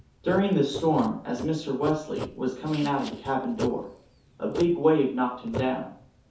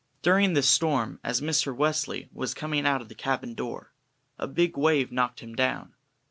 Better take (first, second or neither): second